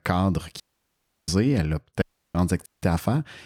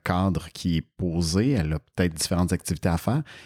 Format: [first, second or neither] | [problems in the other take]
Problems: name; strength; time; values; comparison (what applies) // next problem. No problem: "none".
second | audio cutting out; at 0.5 s for 0.5 s, at 2 s and at 2.5 s